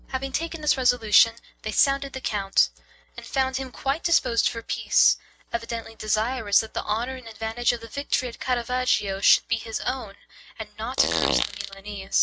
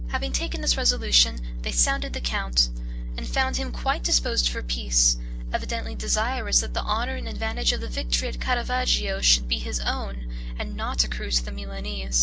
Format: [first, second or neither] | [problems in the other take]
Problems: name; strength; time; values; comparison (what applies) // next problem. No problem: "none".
second | noise reduction (neural mask model RNNoise)